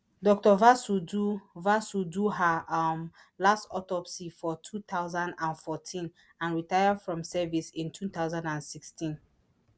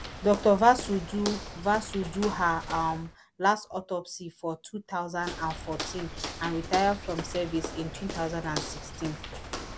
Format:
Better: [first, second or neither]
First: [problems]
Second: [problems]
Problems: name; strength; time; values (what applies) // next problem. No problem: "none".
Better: first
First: none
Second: background sound (Walk, footsteps); 10 dB below the speech